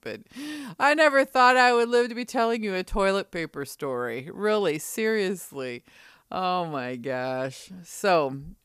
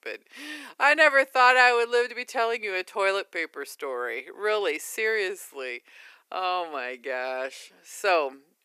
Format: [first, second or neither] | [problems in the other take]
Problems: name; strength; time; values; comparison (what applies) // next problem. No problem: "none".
first | thin; very; fading below 350 Hz